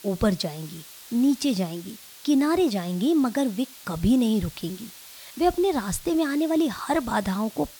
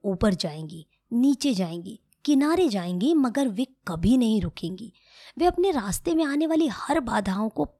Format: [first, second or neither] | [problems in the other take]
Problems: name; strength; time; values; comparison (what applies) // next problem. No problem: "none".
second | hiss; noticeable; throughout; 20 dB below the speech